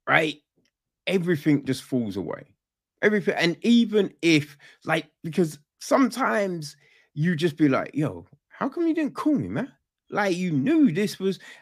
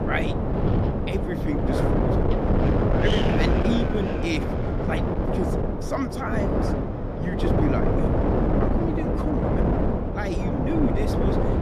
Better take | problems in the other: first | wind noise on the microphone; heavy; 5 dB above the speech

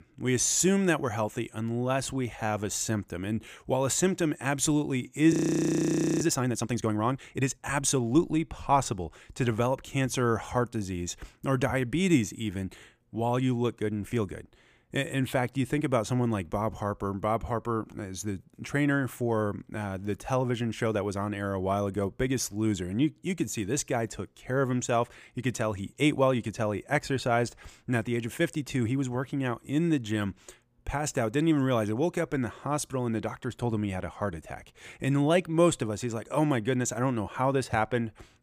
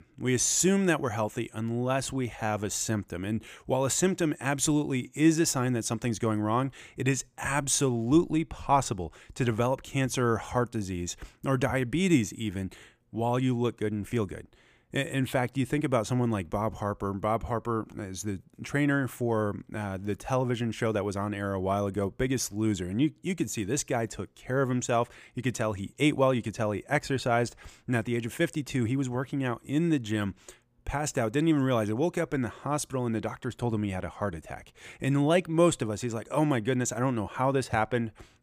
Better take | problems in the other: second | audio freezing; at 5.5 s for 1 s

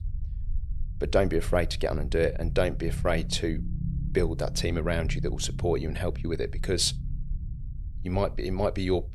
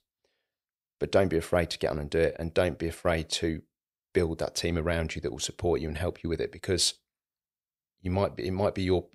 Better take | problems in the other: second | low rumble; noticeable; throughout; 20 dB below the speech

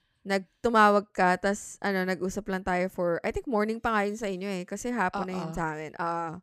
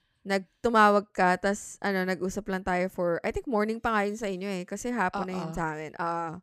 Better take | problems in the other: neither | none

